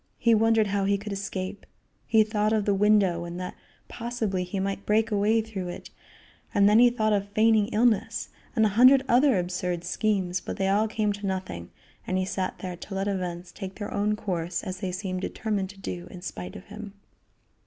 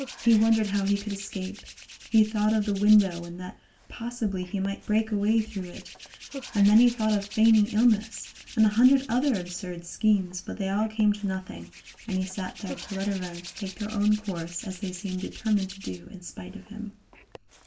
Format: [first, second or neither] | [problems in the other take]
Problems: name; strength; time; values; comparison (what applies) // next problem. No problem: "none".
first | background sound (Hands); 18 dB below the speech // room echo; dies away in 0.2 s